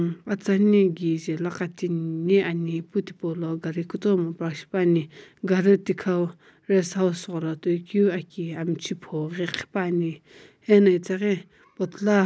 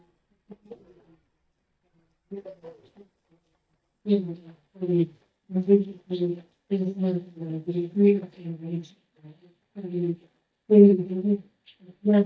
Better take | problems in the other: first | noise reduction (neural mask model DeepFilterNet 3)

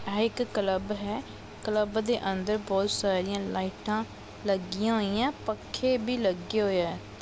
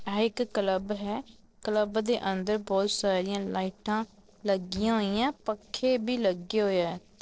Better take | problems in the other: first | noise reduction (neural separator model SepFormer DNS4)

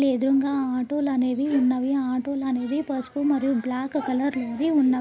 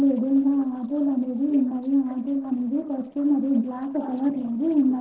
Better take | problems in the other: first | noise reduction (neural separator model SepFormer DNS4)

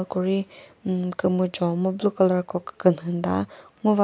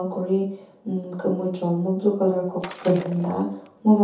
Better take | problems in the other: first | background sound (Shatter); 18 dB below the speech // room echo; dies away in 0.5 s

